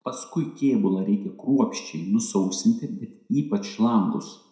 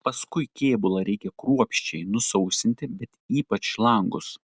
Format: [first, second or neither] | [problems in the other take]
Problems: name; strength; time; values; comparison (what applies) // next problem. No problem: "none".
second | room echo; dies away in 0.6 s